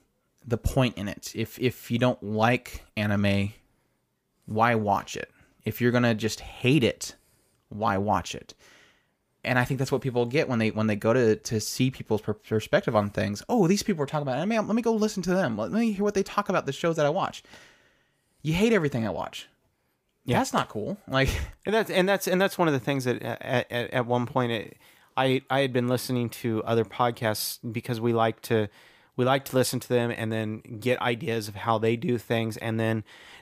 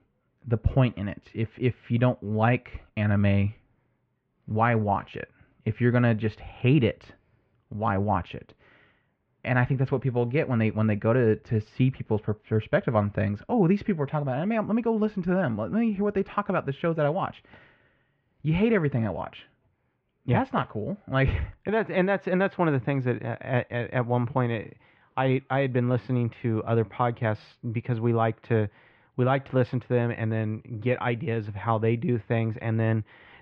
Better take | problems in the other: first | muffled; very; fading above 2.5 kHz

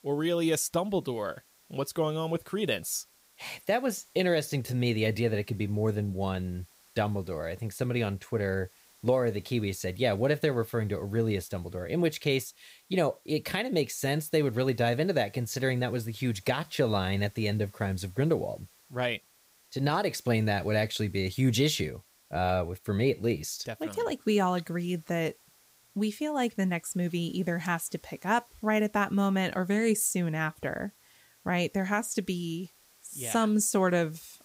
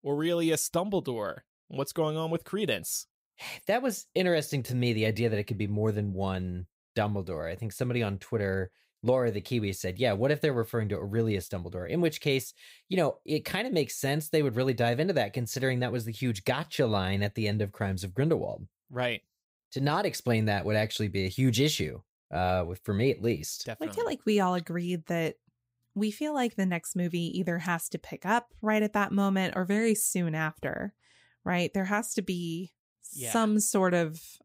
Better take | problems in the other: second | hiss; faint; throughout; 30 dB below the speech

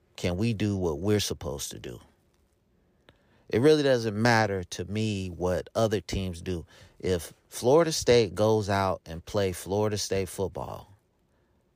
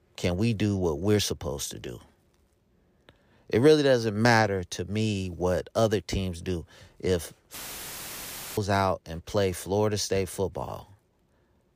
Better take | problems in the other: first | audio cutting out; filled with static; at 7.5 s for 1 s

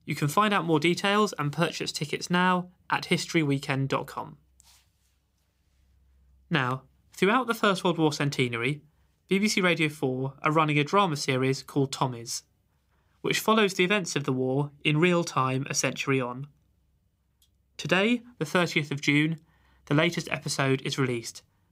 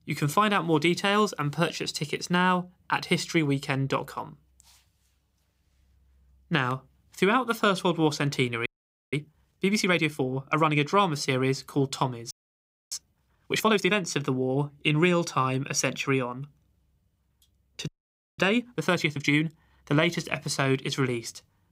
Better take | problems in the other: first | audio freezing; at 8.5 s, at 12 s for 0.5 s and at 18 s for 0.5 s

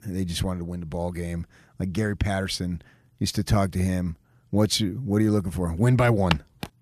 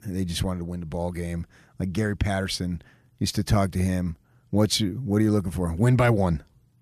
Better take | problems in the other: second | footsteps; very faint; at 6.5 s; peak 4 dB below the speech

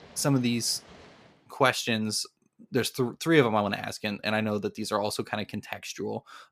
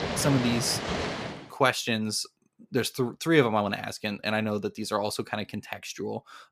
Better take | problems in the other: first | rain or running water; loud; until 1.5 s; 3 dB below the speech; faint in the first

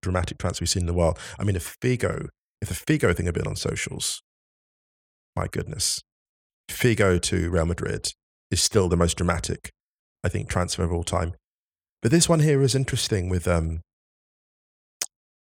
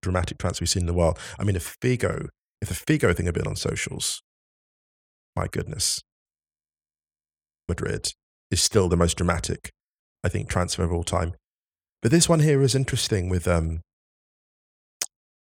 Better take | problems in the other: first | audio freezing; at 6.5 s for 1.5 s

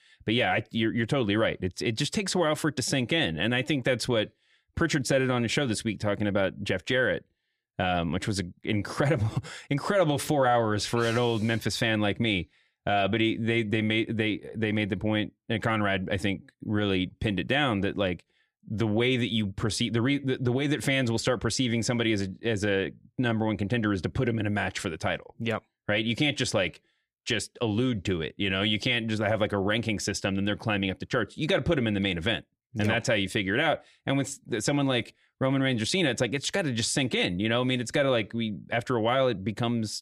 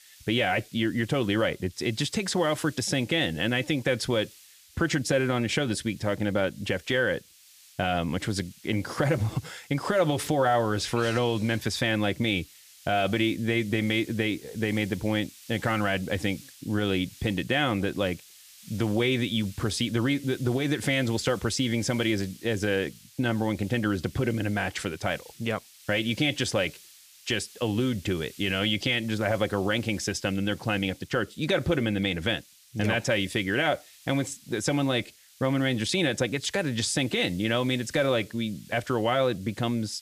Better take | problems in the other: first | hiss; faint; throughout; 20 dB below the speech

